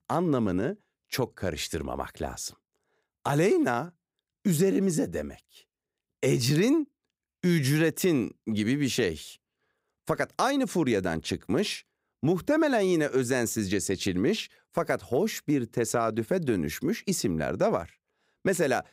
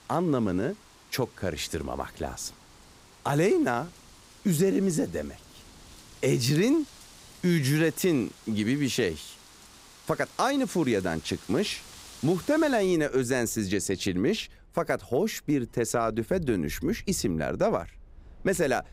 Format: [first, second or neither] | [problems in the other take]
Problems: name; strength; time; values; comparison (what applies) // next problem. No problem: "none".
first | wind in the background; faint; throughout; 20 dB below the speech